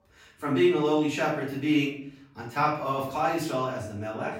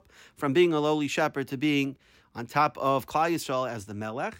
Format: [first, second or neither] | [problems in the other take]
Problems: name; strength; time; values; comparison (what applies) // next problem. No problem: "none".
second | off-mic speech; far // room echo; noticeable; dies away in 0.5 s